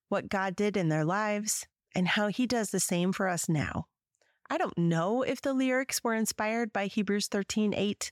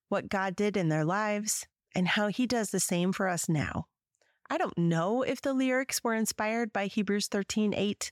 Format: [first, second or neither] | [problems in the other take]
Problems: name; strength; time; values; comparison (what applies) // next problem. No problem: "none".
neither | none